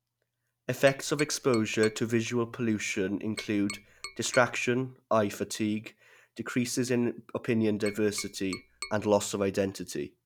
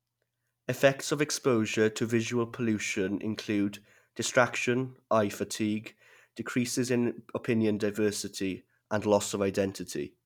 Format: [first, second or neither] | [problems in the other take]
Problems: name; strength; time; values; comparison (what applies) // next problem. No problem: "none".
second | background sound (Tap); 15 dB below the speech